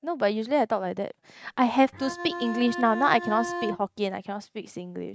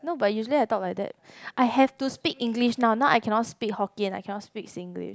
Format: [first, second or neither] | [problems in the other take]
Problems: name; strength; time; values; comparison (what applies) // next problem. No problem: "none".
second | noise reduction (neural mask model RNNoise)